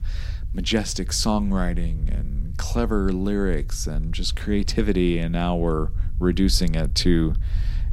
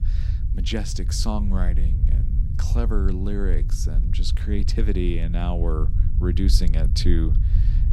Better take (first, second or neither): first